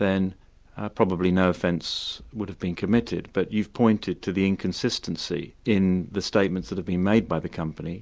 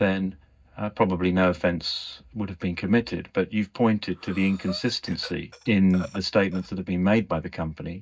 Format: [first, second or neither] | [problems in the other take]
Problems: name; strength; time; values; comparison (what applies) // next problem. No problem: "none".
first | noise reduction (neural mask model DeepFilterNet 3)